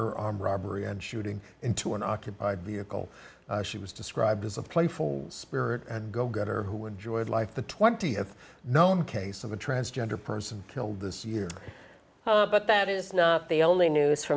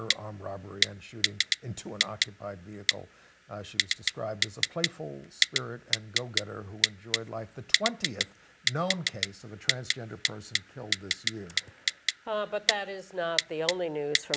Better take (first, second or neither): first